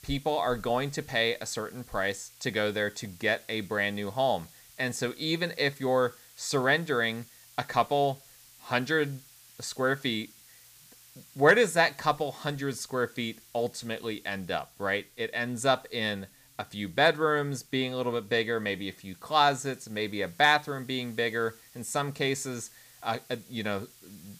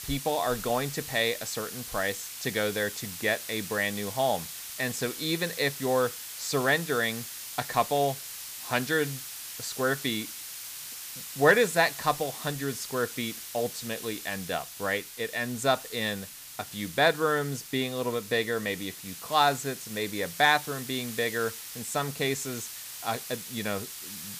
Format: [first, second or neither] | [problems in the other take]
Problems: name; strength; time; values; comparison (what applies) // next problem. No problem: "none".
first | hiss; loud; throughout; 9 dB below the speech; faint in the first